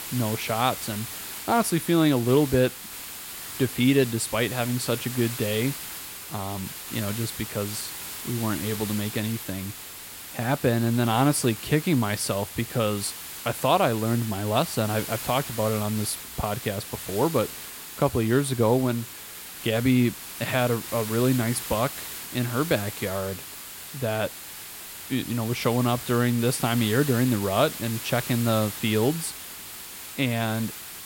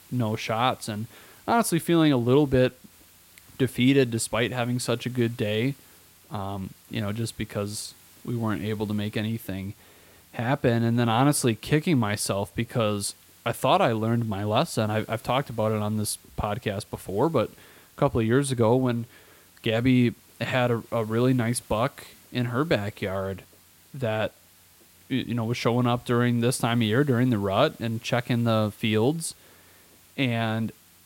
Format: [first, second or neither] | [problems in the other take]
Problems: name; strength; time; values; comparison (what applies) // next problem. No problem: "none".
second | hiss; loud; throughout; 9 dB below the speech; faint in the second